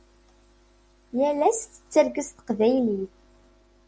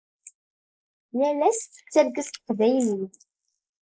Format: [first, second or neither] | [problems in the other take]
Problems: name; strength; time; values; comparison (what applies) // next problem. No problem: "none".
first | noise reduction (neural mask model Resemble Enhance denoiser)